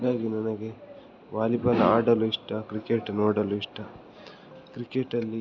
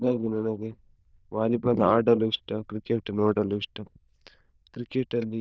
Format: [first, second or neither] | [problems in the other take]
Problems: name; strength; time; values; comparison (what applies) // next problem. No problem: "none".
first | noise reduction (neural diffusion model UNIVERSE++)